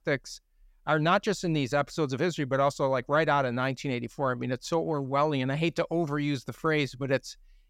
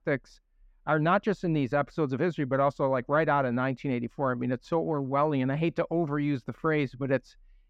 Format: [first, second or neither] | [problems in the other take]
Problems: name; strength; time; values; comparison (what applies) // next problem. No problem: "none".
first | muffled; slightly; fading above 3.5 kHz